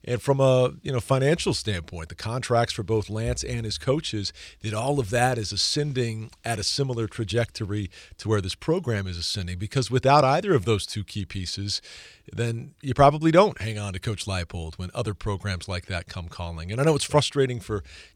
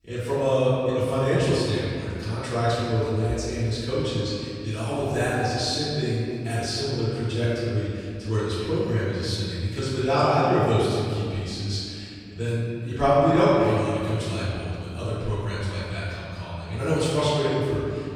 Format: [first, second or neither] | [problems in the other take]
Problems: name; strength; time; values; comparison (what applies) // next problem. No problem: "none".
first | off-mic speech; far // room echo; strong; dies away in 2.4 s